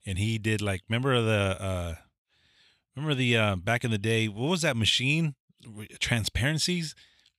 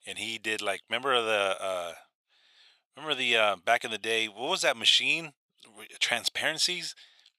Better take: first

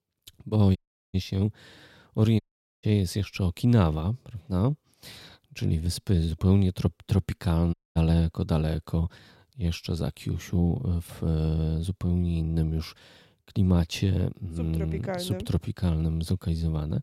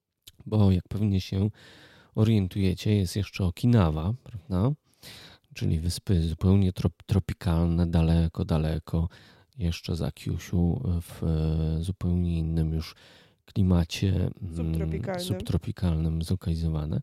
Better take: second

